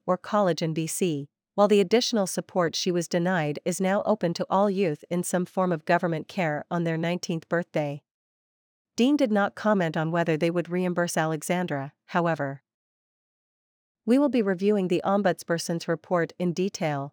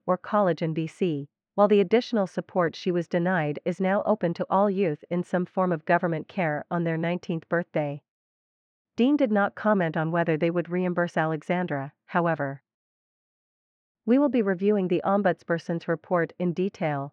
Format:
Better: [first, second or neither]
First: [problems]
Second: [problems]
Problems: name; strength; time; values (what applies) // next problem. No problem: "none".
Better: first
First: none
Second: muffled; very; fading above 2 kHz